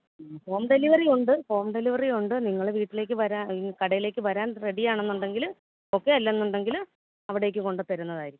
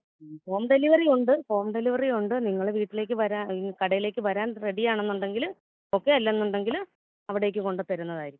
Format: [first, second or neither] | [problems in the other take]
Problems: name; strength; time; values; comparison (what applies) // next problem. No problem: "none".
first | noise reduction (neural mask model Resemble Enhance denoiser)